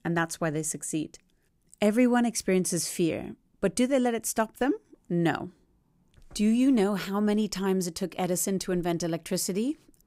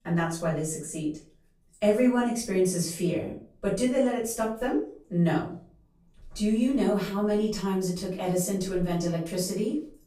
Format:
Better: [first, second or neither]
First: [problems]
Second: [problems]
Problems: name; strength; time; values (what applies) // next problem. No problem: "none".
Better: first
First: none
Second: off-mic speech; far // room echo; noticeable; dies away in 0.4 s